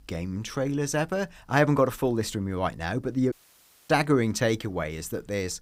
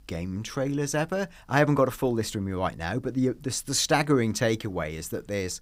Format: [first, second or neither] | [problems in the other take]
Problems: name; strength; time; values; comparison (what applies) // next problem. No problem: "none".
second | audio cutting out; at 3.5 s for 0.5 s